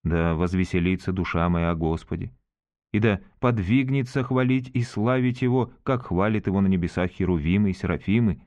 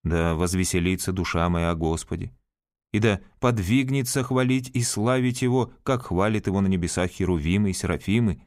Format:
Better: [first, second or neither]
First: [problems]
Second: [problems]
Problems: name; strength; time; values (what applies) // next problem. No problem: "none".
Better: second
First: muffled; slightly; fading above 2.5 kHz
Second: none